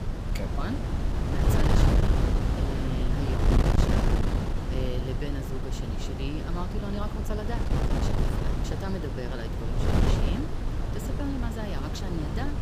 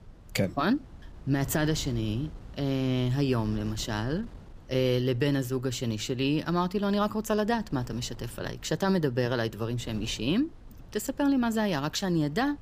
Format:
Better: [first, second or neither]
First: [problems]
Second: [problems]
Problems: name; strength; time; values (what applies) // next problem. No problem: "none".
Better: second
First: wind noise on the microphone; heavy; 4 dB above the speech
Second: wind noise on the microphone; occasional gusts; 25 dB below the speech